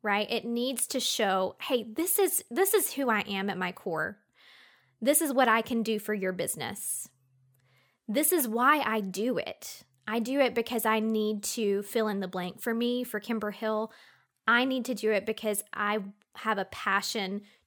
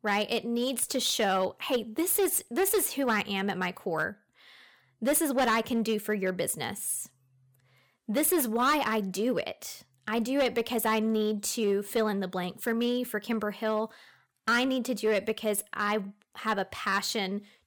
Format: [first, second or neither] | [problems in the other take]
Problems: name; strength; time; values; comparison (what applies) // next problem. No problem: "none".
first | distortion; slight; 4% of the sound clipped